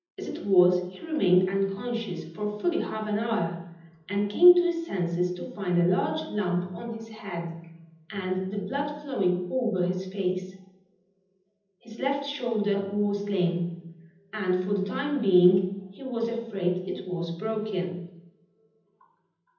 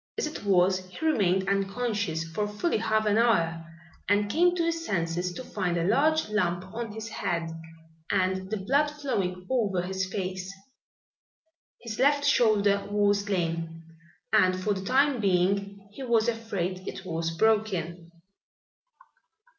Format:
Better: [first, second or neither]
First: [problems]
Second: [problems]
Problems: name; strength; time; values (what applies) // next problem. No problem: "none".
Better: second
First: room echo; dies away in 0.8 s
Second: none